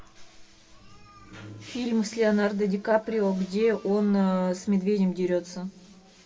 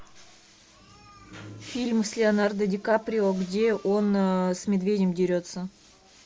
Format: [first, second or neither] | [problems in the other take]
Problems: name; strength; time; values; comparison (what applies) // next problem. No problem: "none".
second | room echo; dies away in 1.7 s